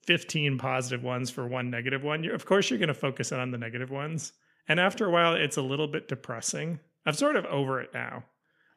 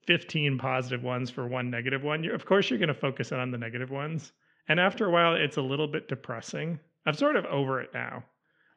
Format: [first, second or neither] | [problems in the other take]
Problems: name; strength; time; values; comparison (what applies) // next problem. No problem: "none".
first | muffled; slightly; fading above 4 kHz